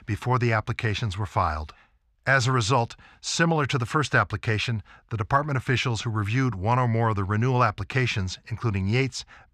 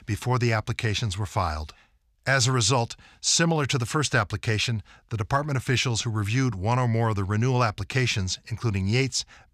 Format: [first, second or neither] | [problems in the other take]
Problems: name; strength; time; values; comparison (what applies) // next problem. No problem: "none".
second | muffled; slightly; fading above 4 kHz